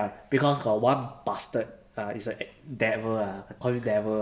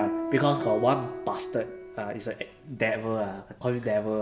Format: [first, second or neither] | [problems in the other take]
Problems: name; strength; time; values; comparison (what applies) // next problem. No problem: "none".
first | background sound (Piano); 7 dB below the speech